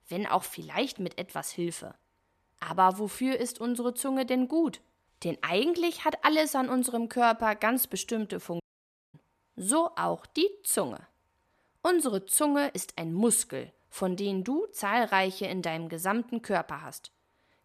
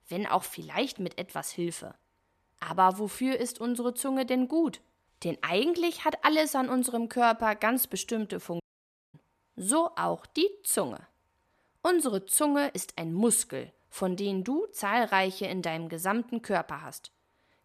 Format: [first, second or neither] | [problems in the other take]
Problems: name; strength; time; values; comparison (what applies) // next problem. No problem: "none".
neither | audio cutting out; at 8.5 s for 0.5 s; the same in both